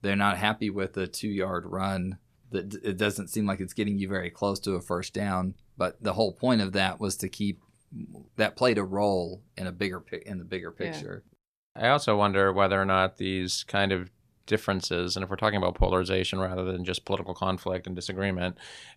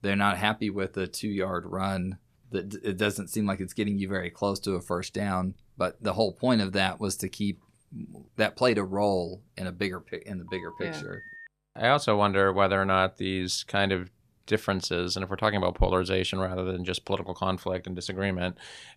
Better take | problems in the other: first | phone ringing; faint; at 10 s; peak 15 dB below the speech

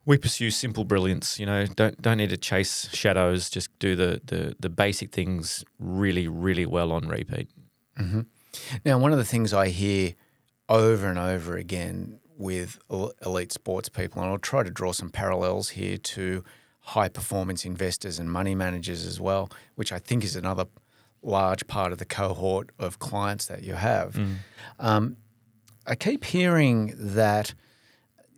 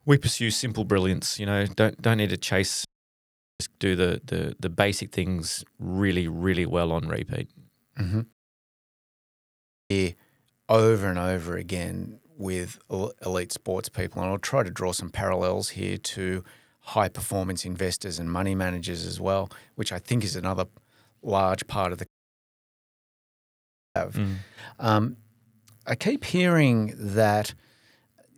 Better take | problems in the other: first | audio cutting out; at 3 s for 1 s, at 8.5 s for 1.5 s and at 22 s for 2 s

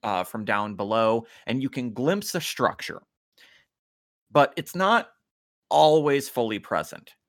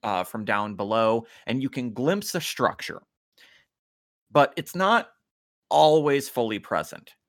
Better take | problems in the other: neither | none

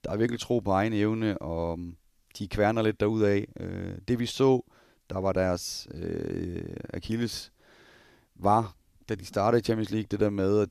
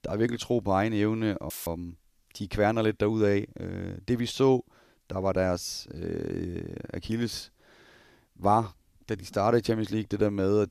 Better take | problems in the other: first | audio cutting out; filled with static; at 1.5 s

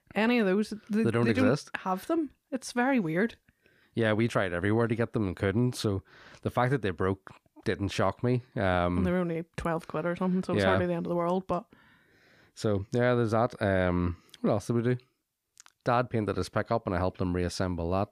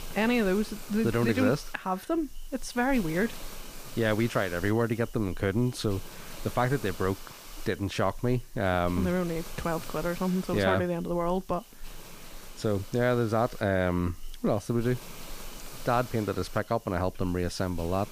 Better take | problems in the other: first | hiss; noticeable; throughout; 15 dB below the speech

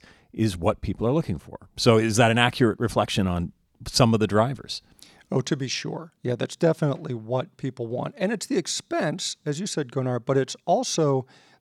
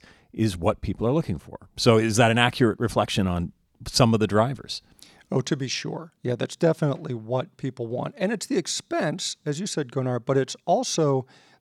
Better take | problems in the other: neither | none

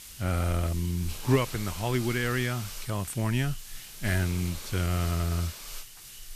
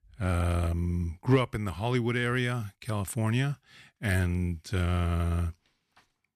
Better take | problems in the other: second | hiss; noticeable; throughout; 10 dB below the speech

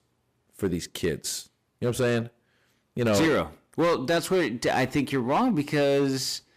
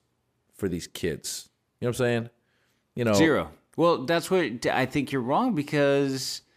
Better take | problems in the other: second | distortion; slight; 7% of the sound clipped

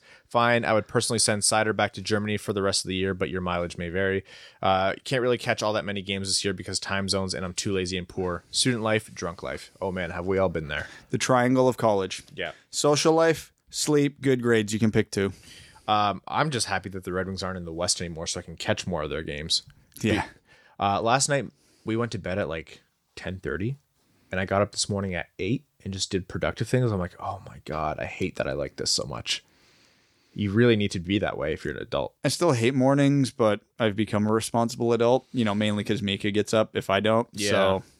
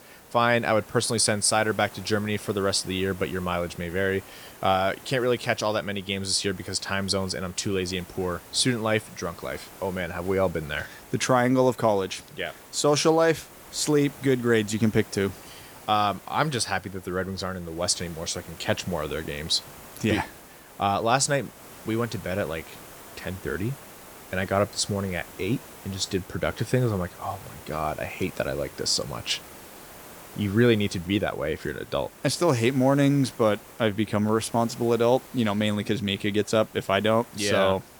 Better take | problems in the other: first | hiss; noticeable; throughout; 20 dB below the speech

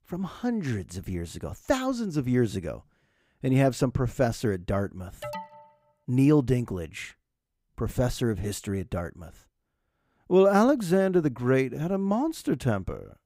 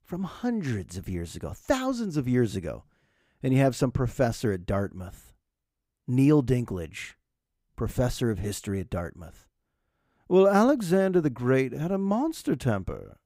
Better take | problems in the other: second | alarm; faint; at 5 s; peak 10 dB below the speech

